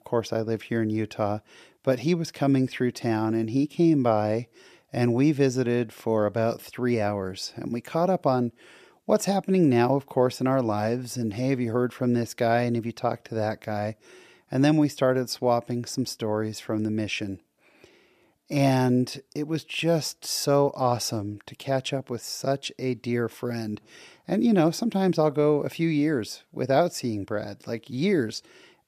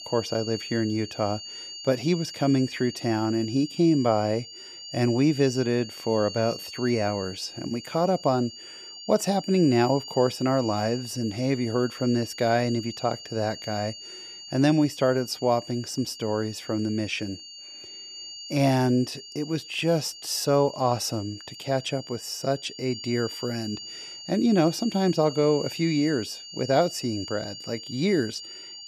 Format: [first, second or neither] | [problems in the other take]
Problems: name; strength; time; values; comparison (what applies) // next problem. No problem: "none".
first | high-pitched whine; noticeable; throughout; 4.5 kHz, 10 dB below the speech